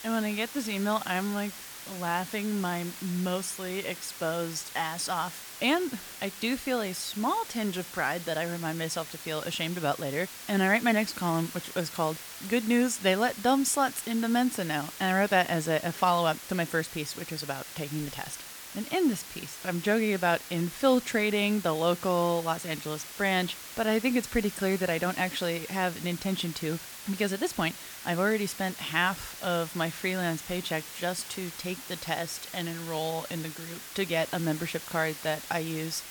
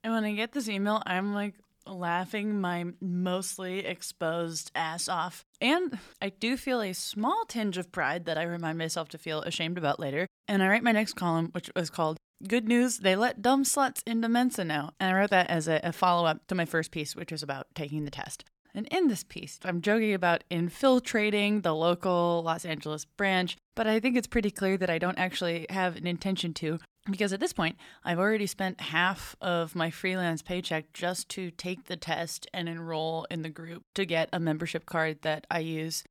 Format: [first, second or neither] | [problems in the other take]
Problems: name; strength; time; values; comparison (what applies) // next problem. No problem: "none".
second | hiss; noticeable; throughout; 10 dB below the speech